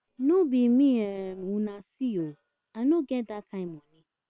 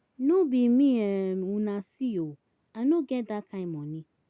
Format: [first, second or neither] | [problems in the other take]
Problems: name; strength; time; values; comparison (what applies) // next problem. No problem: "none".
second | noise reduction (neural separator model SepFormer WHAM!)